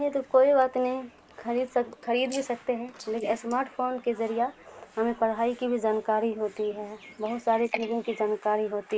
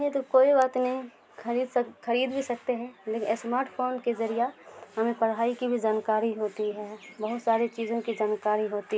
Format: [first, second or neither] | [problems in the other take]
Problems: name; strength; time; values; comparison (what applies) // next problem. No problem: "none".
second | noise reduction (neural mask model Resemble Enhance denoiser)